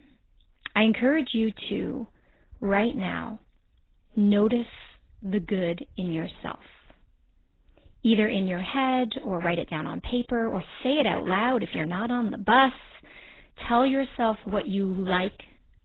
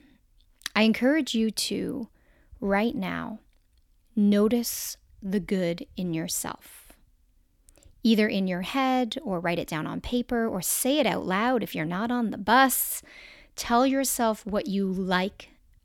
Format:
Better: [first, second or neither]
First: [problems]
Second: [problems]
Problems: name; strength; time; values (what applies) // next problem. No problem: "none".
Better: second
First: garbled, watery; badly; nothing above 4 kHz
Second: none